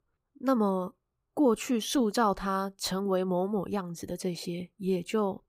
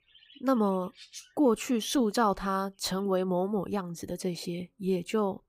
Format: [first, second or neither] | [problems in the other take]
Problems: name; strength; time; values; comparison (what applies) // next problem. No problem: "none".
first | animal sounds; faint; throughout; 25 dB below the speech